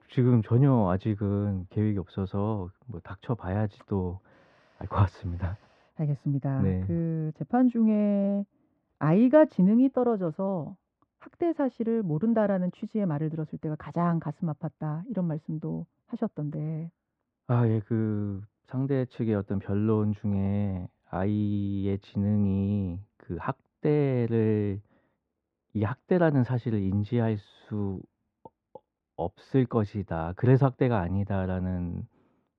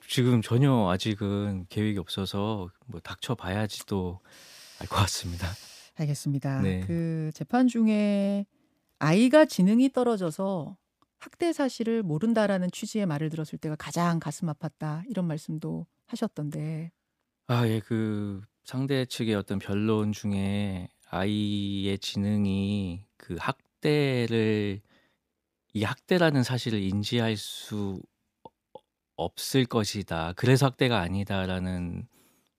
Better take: second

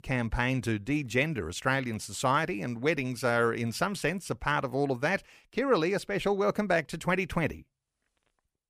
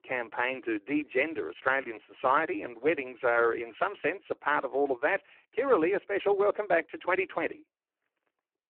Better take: first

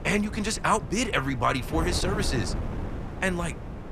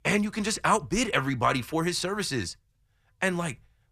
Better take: second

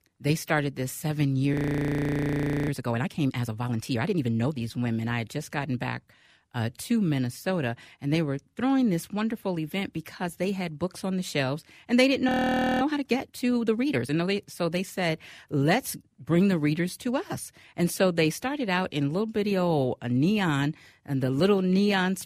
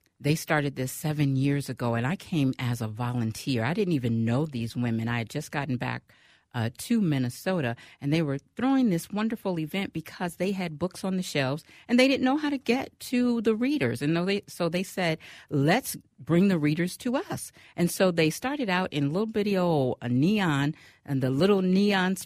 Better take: second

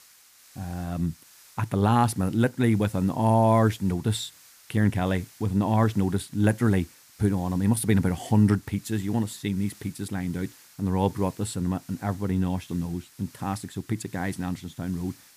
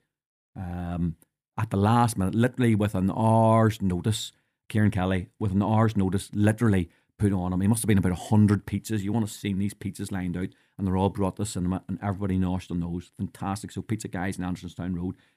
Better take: second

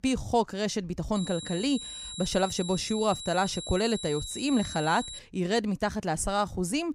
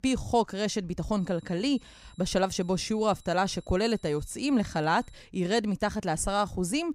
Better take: second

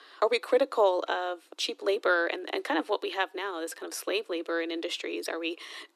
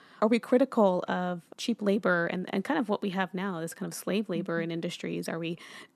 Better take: second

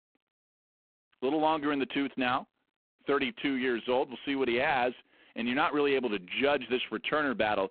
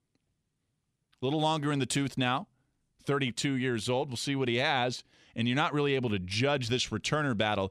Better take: second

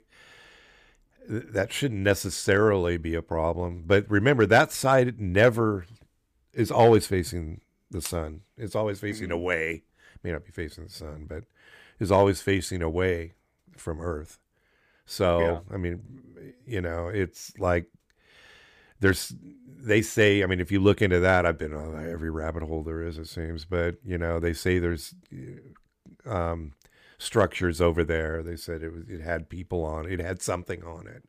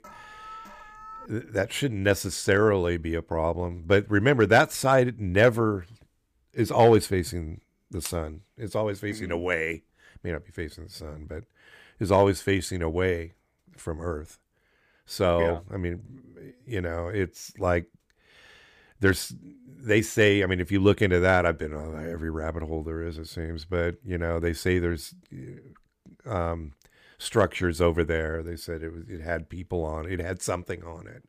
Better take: first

